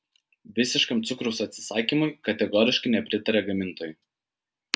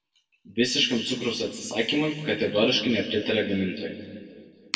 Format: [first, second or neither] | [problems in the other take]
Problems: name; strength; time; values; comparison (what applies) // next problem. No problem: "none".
first | room echo; dies away in 2.1 s